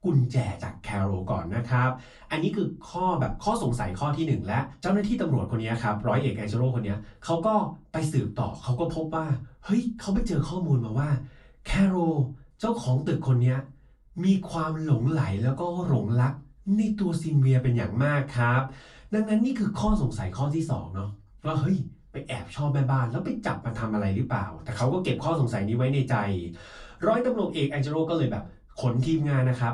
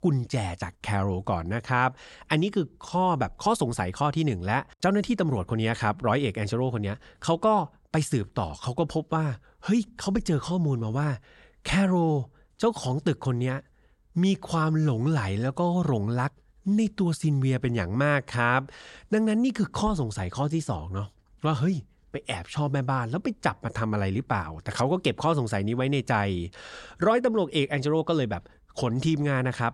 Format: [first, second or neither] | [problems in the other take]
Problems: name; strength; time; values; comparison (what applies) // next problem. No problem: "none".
second | off-mic speech; far // room echo; very slight; dies away in 0.2 s